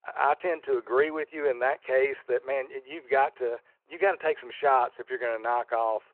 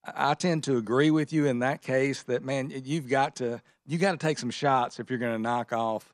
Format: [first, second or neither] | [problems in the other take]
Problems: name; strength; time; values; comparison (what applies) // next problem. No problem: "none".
second | phone-call audio